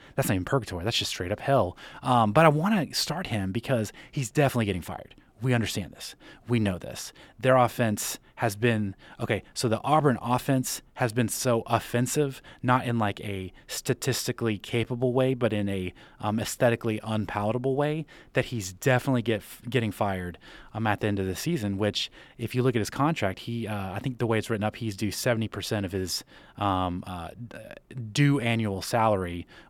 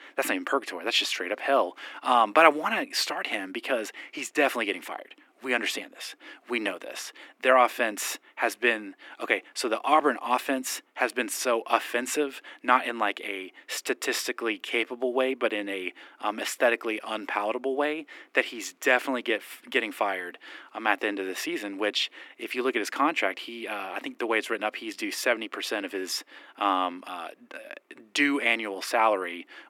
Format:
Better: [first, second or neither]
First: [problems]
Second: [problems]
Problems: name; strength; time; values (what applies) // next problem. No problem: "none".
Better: first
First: none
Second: thin; somewhat; fading below 300 Hz